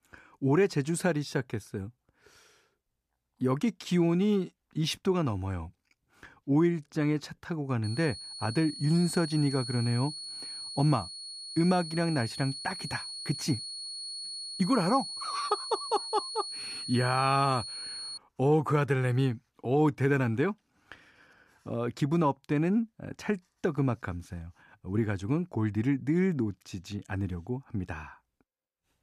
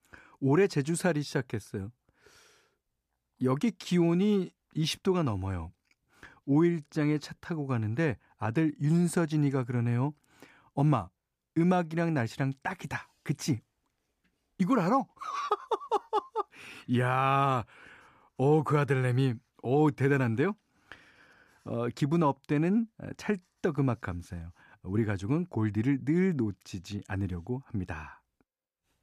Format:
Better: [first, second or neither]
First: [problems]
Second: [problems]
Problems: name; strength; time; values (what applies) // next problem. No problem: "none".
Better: second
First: high-pitched whine; loud; from 8 to 18 s; 4.5 kHz, 8 dB below the speech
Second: none